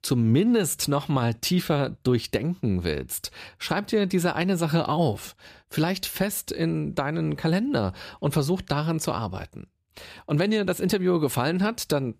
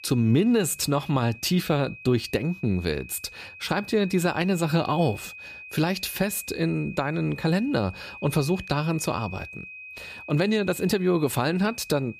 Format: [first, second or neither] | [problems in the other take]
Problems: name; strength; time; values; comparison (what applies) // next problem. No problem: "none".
first | high-pitched whine; noticeable; throughout; 2.5 kHz, 15 dB below the speech